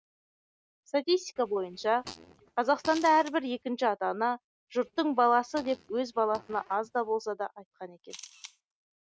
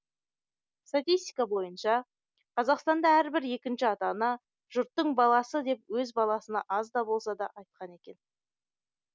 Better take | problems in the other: second | noise reduction (neural mask model RNNoise)

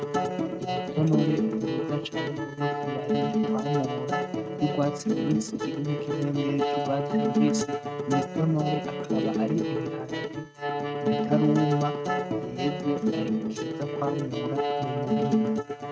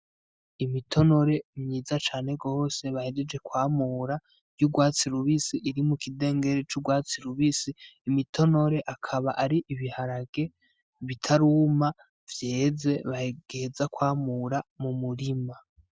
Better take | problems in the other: second | noise reduction (neural mask model RNNoise)

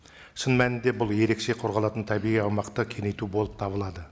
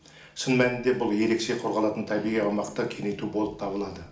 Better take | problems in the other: first | room echo; dies away in 0.4 s

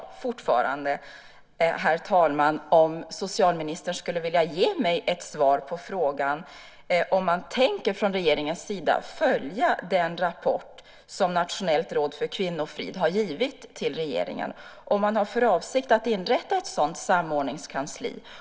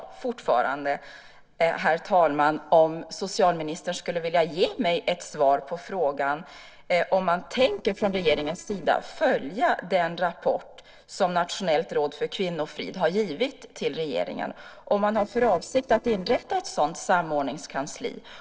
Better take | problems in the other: first | noise reduction (neural separator model SepFormer DNS4)

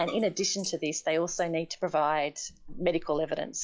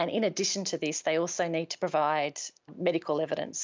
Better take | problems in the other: second | noise reduction (classical method log-MMSE)

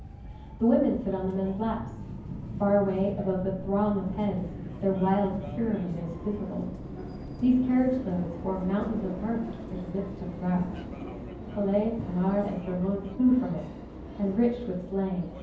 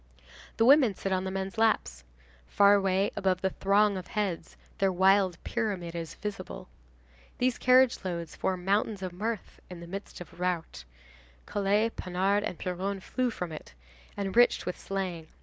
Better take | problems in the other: second | background sound (Subway, metro, underground); 10 dB below the speech // room echo; dies away in 0.9 s

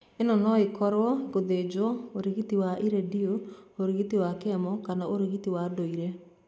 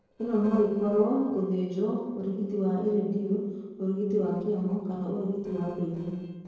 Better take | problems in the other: first | noise reduction (neural separator model SepFormer DNS4)

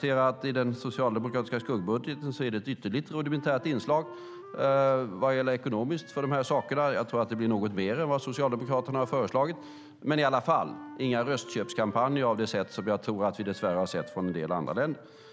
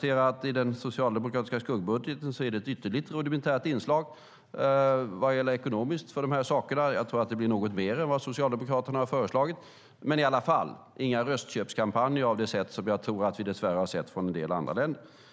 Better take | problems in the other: second | background sound (Wind instrument, woodwind instrument); 19 dB below the speech

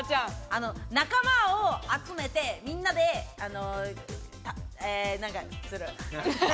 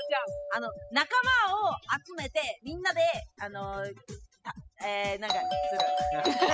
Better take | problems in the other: first | noise reduction (classical method spectral subtraction)

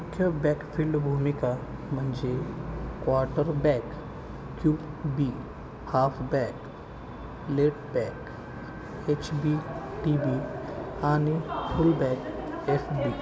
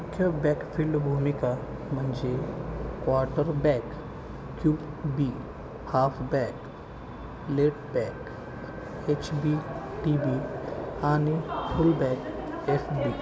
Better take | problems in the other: first | background sound (Frog); 16 dB below the speech

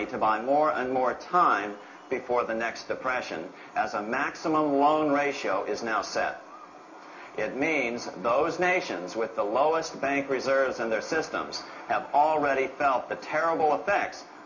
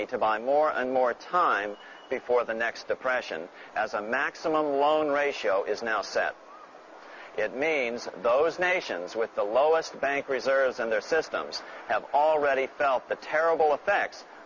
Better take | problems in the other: second | room echo; dies away in 0.4 s

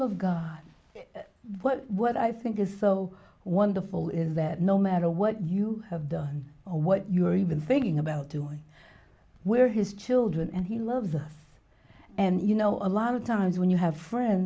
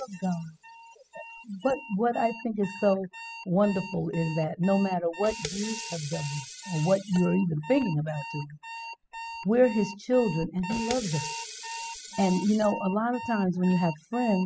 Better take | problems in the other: first | noise reduction (classical method spectral subtraction)

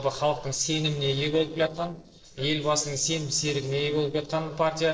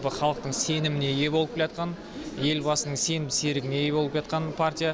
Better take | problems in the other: second | noise reduction (neural separator model SepFormer DNS4)

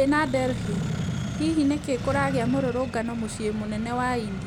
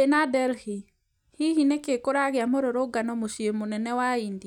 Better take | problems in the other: second | background sound (Accelerating, revving, vroom); 5 dB below the speech

